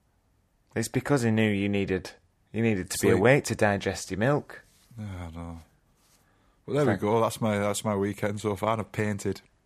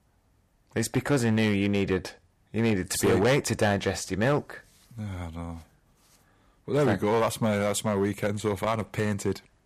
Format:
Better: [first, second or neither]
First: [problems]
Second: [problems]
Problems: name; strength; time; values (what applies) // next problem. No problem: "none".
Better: first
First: none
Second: distortion; slight; 5% of the sound clipped